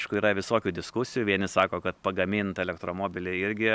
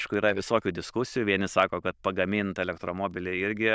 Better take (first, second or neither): first